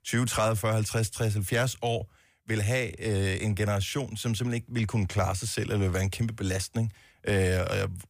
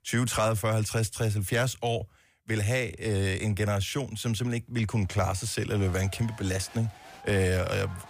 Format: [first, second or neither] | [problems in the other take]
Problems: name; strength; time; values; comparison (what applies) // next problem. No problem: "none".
first | crowd noise; faint; from 5.5 s on; 20 dB below the speech